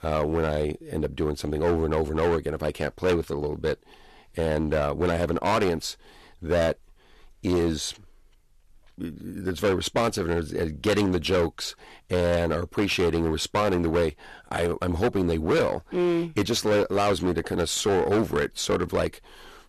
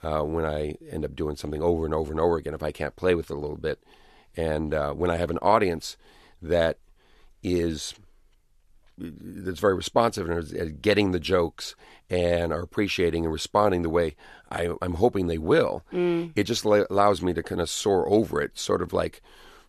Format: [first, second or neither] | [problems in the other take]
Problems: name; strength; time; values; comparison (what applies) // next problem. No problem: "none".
second | distortion; heavy; 12% of the sound clipped